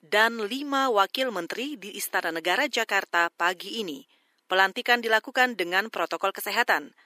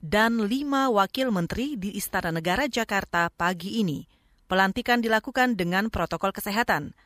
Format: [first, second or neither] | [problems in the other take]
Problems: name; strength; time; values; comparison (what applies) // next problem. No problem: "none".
second | thin; somewhat; fading below 350 Hz